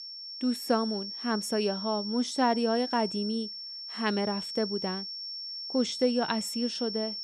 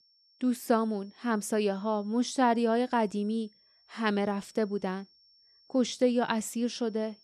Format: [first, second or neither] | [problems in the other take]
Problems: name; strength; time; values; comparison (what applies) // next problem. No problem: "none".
second | high-pitched whine; loud; throughout; 5.5 kHz, 6 dB below the speech; faint in the second